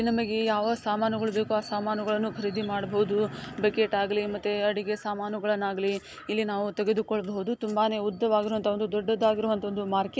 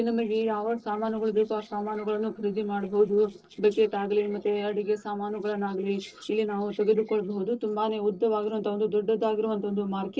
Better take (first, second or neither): first